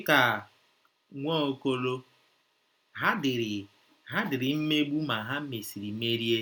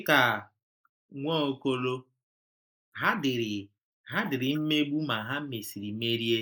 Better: first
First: none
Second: noise reduction (neural mask model Resemble Enhance denoiser)

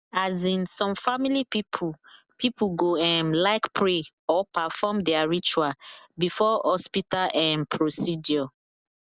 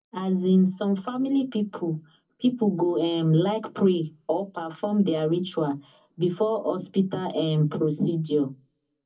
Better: first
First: none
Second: room echo; dies away in 0.3 s

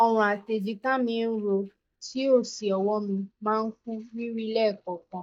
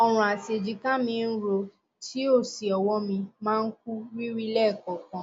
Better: second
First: noise reduction (neural mask model DeepFilterNet 3)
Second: none

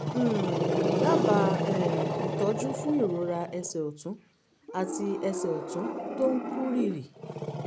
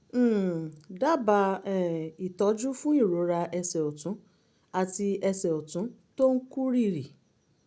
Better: second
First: background sound (Growling); as loud as the speech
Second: none

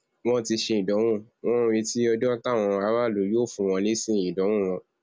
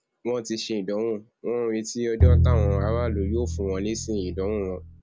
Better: first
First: none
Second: background sound (Bowed string instrument); 5 dB above the speech

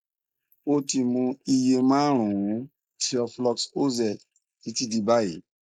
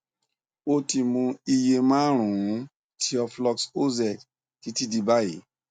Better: second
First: noise reduction (neural mask model Resemble Enhance denoiser)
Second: none

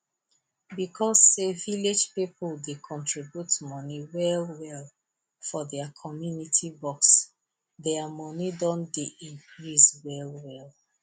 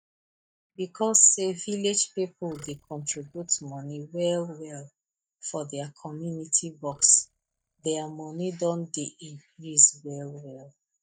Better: first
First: none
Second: noise reduction (neural mask model DeepFilterNet 3)

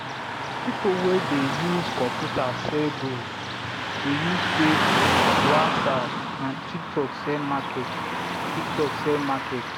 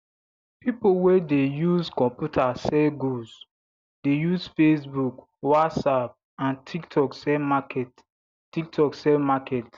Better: second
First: background sound (Car passing by / Traffic noise, roadway noise); 2 dB above the speech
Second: none

